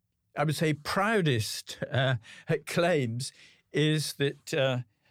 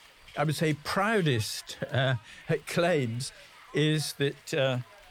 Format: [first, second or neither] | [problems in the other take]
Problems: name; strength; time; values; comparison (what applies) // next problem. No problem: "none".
first | hiss; faint; throughout; 20 dB below the speech